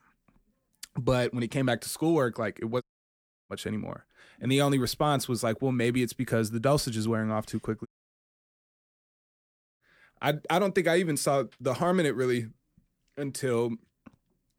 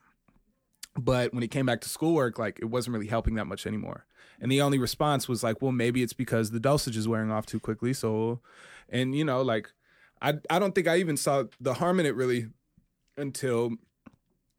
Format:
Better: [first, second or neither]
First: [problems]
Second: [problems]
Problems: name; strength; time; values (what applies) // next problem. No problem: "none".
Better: second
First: audio cutting out; at 3 s for 0.5 s and at 8 s for 2 s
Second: none